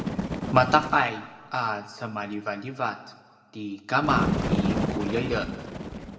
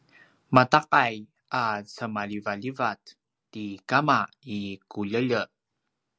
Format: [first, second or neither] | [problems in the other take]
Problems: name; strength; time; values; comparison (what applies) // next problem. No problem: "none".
second | background sound (Bird); 3 dB below the speech // room echo; dies away in 1.2 s